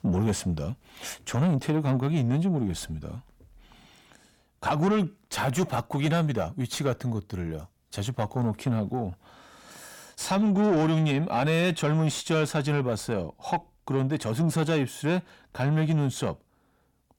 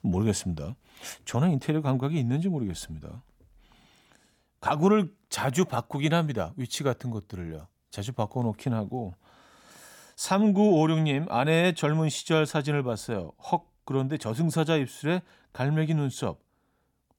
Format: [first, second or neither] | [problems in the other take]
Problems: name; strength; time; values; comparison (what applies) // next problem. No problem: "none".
second | distortion; slight; 10 dB below the speech